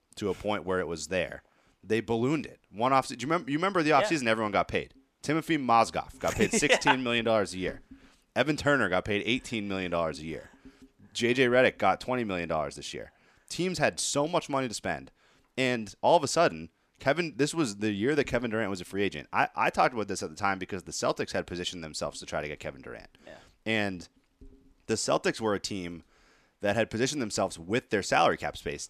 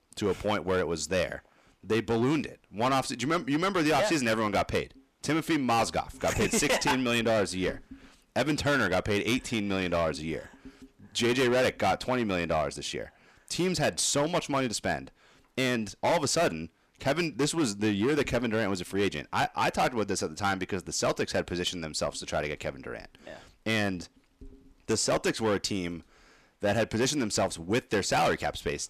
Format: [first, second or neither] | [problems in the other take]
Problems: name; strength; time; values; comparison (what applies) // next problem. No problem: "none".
first | distortion; heavy; 10% of the sound clipped